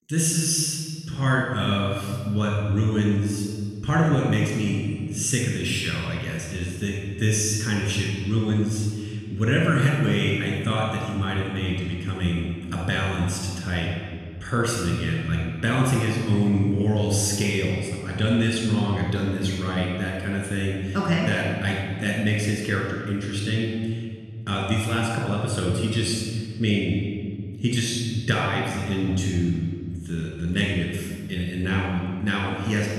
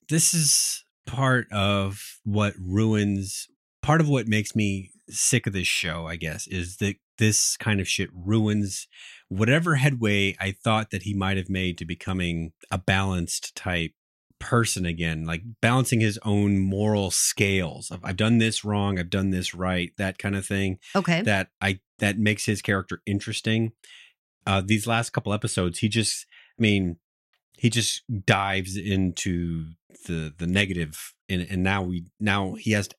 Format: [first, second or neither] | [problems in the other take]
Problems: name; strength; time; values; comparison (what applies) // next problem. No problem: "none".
second | off-mic speech; somewhat distant // room echo; strong; dies away in 2.1 s